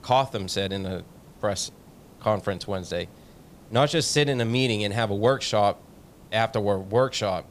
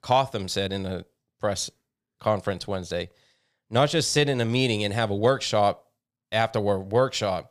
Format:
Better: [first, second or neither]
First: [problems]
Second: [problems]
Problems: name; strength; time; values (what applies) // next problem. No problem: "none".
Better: second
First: hiss; faint; throughout; 25 dB below the speech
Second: none